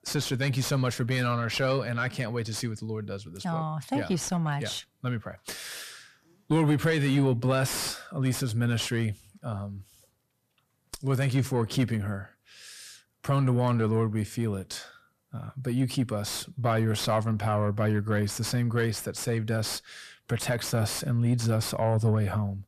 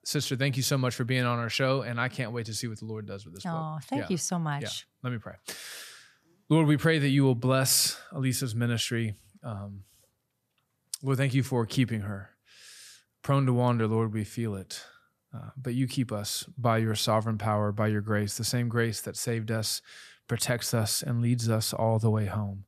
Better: second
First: distortion; slight; 9 dB below the speech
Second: none

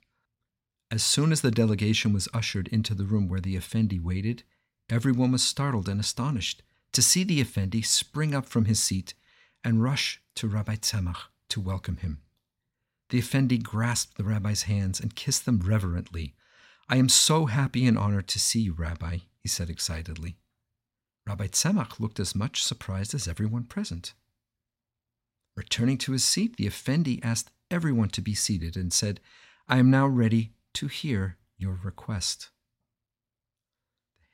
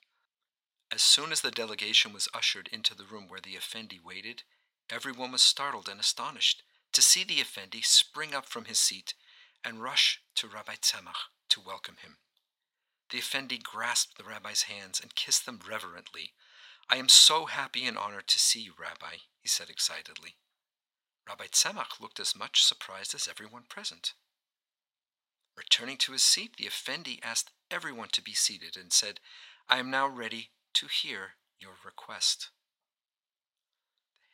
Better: first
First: none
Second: thin; very; fading below 800 Hz

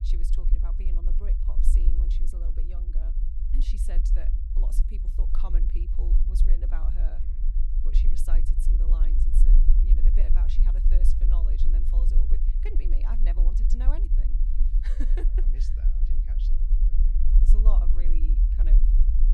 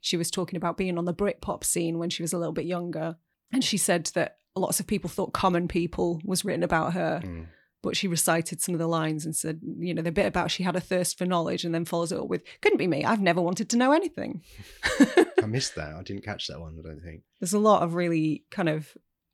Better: second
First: low rumble; loud; throughout; 2 dB below the speech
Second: none

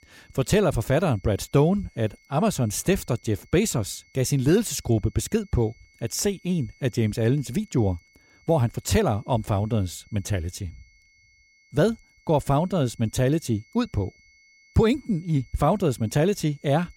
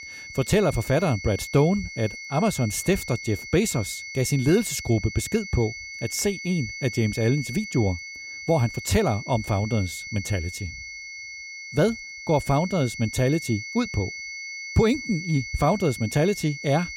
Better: first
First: high-pitched whine; faint; throughout; 2 kHz, 30 dB below the speech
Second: high-pitched whine; loud; throughout; 2 kHz, 10 dB below the speech

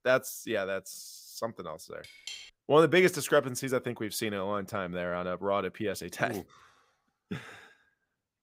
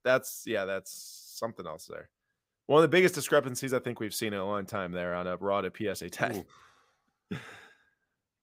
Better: second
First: clattering dishes; faint; at 2 s; peak 10 dB below the speech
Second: none

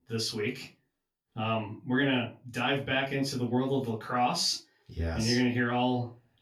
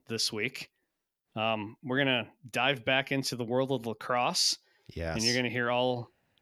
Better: second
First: room echo; slight; dies away in 0.2 s // off-mic speech; far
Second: none

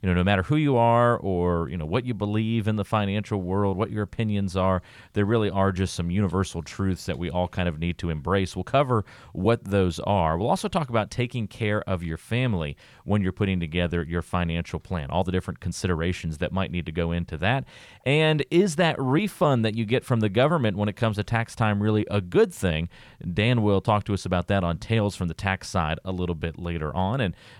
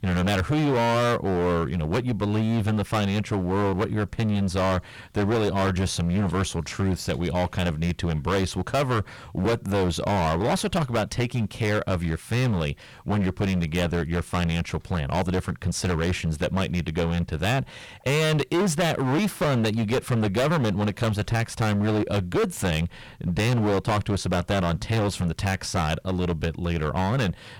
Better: first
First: none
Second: distortion; heavy; 21% of the sound clipped

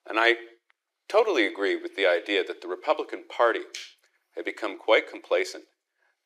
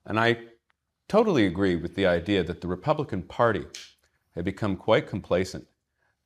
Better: second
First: thin; very; fading below 350 Hz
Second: none

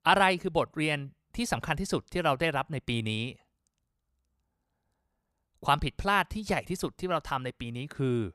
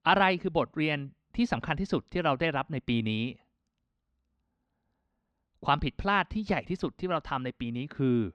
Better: first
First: none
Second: muffled; very slightly; fading above 4 kHz

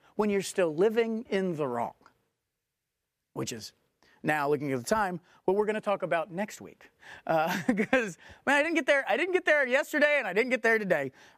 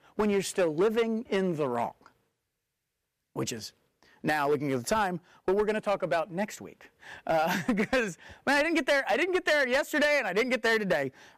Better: first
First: none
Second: distortion; slight; 6% of the sound clipped

